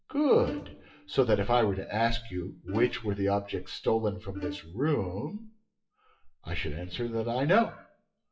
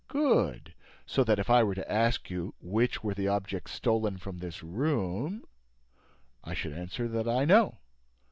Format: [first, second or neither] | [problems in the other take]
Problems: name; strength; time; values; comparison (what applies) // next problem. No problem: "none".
second | noise reduction (classical method WPE with log-MMSE)